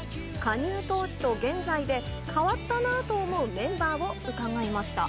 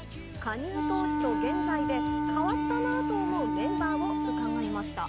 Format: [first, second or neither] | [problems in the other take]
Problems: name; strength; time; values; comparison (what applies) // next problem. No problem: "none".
first | background sound (Wind instrument, woodwind instrument); 4 dB above the speech